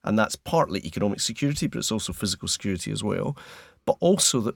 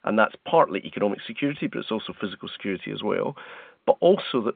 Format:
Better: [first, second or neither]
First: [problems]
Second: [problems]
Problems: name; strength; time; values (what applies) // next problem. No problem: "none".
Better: first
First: none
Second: phone-call audio; nothing above 3.5 kHz